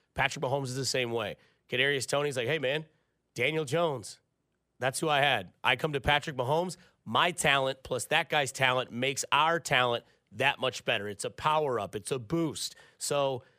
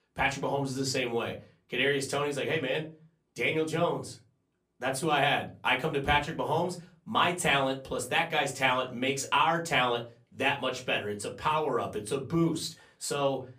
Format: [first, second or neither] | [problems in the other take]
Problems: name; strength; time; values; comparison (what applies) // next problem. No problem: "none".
first | off-mic speech; far // room echo; very slight; dies away in 0.3 s